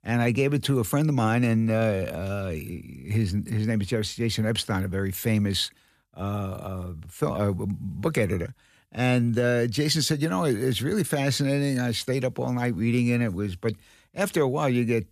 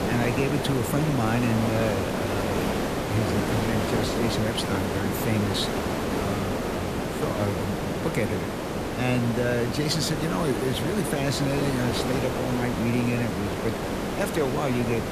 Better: first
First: none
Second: hiss; loud; throughout; 1 dB below the speech

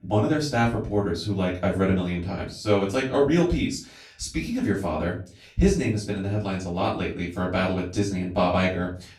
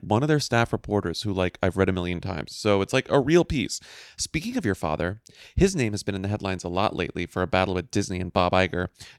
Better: second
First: off-mic speech; far // room echo; slight; dies away in 0.3 s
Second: none

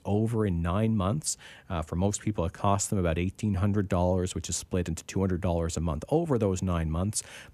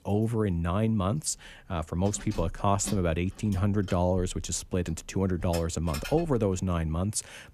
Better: first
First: none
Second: jangling keys; noticeable; from 2 to 6.5 s; peak 10 dB below the speech

